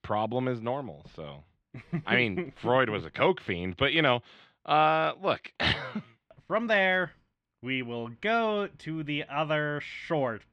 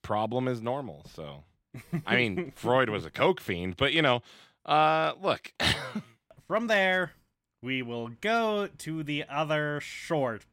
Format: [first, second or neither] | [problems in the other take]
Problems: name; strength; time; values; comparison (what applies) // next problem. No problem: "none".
second | muffled; very slightly; fading above 3 kHz